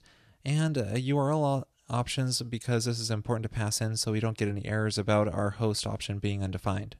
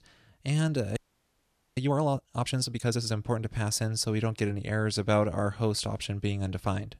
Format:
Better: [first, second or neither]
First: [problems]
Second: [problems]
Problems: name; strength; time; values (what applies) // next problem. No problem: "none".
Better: first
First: none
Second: audio freezing; at 1 s for 1 s